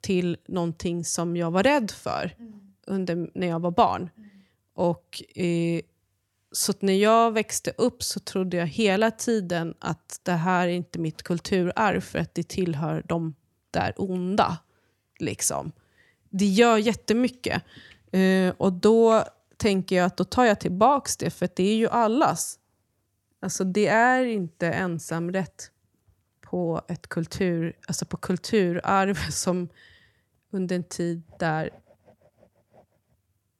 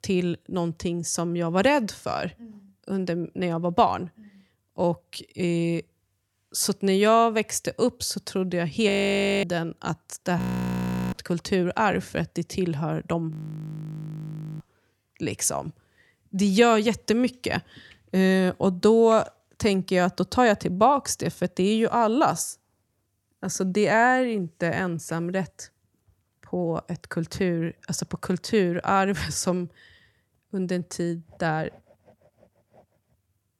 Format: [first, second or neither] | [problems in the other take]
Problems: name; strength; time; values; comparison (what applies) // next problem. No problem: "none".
first | audio freezing; at 9 s for 0.5 s, at 10 s for 0.5 s and at 13 s for 1.5 s